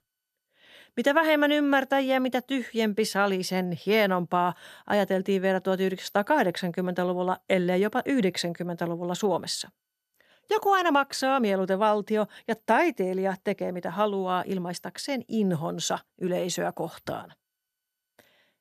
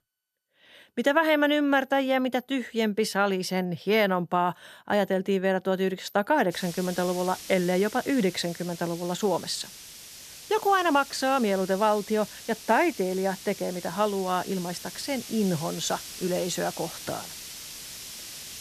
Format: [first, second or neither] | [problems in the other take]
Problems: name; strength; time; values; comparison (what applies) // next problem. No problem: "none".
first | hiss; noticeable; from 6.5 s on; 15 dB below the speech